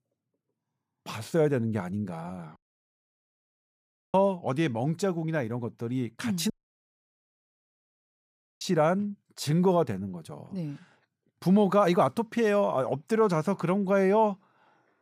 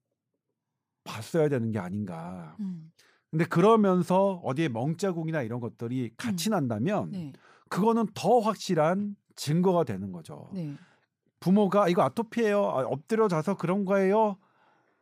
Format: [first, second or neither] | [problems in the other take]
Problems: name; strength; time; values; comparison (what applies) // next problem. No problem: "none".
second | audio cutting out; at 2.5 s for 1.5 s and at 6.5 s for 2 s